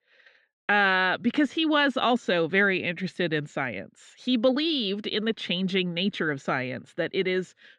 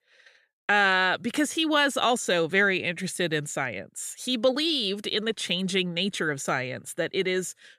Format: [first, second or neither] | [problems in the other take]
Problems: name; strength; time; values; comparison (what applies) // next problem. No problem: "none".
second | muffled; very slightly; fading above 4 kHz